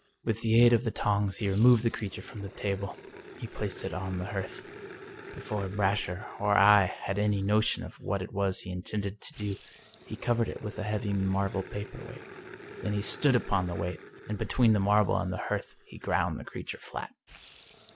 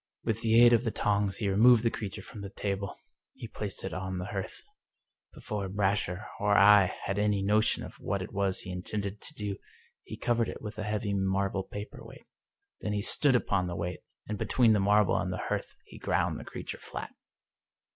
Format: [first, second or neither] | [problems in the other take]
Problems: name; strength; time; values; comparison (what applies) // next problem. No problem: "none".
second | background sound (Growling); 19 dB below the speech